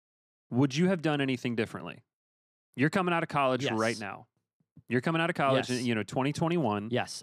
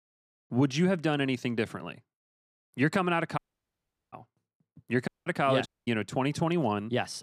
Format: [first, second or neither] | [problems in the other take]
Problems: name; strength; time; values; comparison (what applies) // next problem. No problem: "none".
first | audio cutting out; at 3.5 s for 0.5 s, at 5 s and at 5.5 s